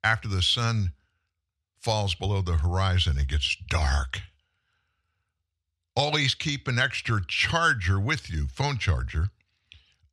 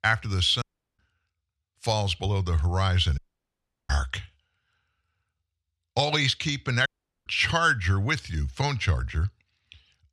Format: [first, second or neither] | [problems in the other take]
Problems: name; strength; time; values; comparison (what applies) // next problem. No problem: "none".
first | audio cutting out; at 0.5 s, at 3 s for 0.5 s and at 7 s